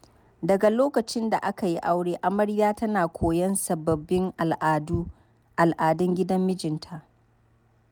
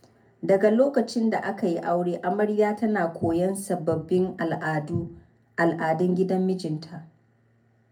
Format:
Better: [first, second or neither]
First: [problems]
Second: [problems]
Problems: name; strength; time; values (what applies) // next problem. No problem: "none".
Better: first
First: none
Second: room echo; dies away in 0.3 s